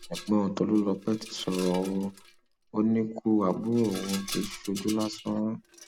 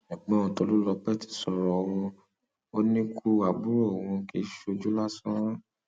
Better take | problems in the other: second | background sound (Rattle); 15 dB below the speech

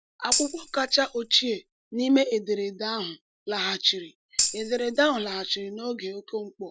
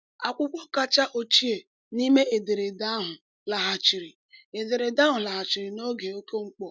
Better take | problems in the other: second | background sound (Tambourine); 4 dB below the speech

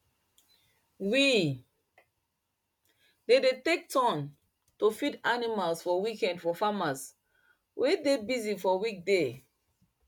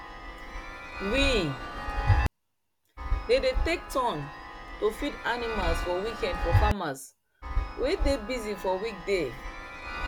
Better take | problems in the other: first | background sound (Chime); as loud as the speech

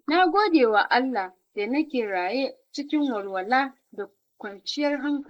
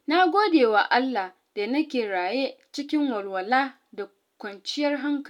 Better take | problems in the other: second | noise reduction (neural mask model Resemble Enhance denoiser)

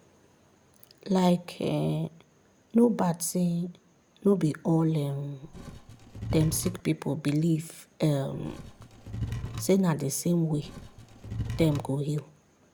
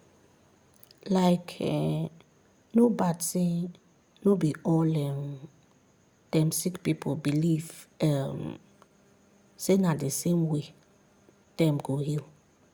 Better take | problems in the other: second | background sound (Wood / Tools); 8 dB below the speech

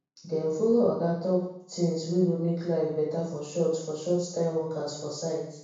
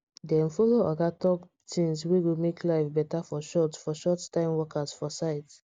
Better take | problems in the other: second | room echo; dies away in 0.7 s

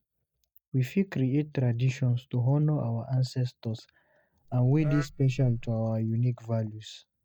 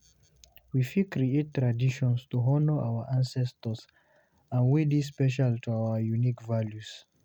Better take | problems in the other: second | noise reduction (neural mask model DeepFilterNet 3)

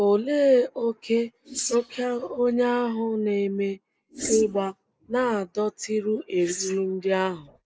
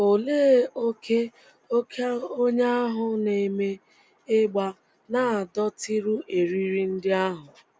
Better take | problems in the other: second | noise reduction (neural mask model Resemble Enhance denoiser)

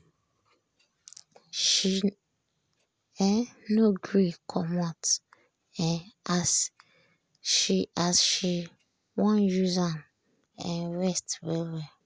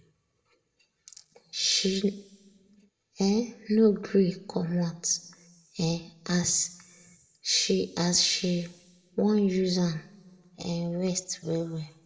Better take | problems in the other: first | room echo; dies away in 0.7 s

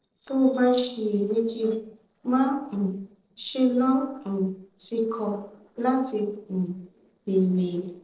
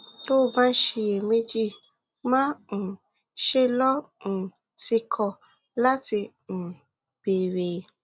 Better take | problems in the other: second | noise reduction (neural separator model SepFormer DNS4)

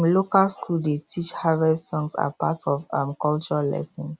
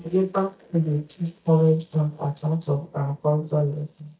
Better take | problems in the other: first | noise reduction (neural mask model DeepFilterNet 3)

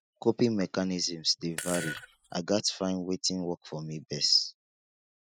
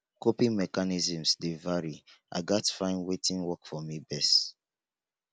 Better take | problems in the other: second | noise reduction (classical method spectral subtraction)

